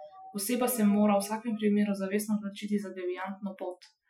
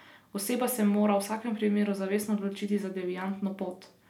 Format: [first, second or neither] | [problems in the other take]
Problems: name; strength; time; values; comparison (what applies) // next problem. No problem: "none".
second | noise reduction (classical method Wiener filter)